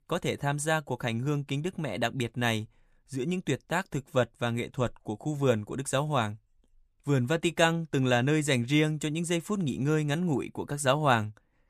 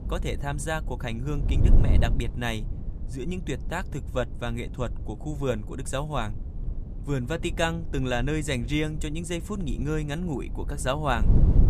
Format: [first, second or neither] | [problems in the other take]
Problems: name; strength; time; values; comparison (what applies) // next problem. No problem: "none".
first | wind noise on the microphone; occasional gusts; 15 dB below the speech